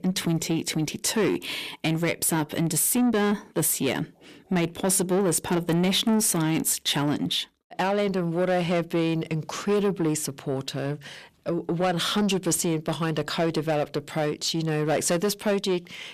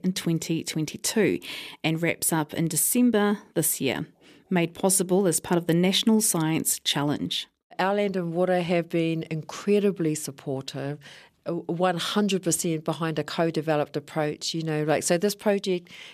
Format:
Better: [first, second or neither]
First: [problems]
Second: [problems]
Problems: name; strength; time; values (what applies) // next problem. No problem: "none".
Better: second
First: distortion; slight; 10 dB below the speech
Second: none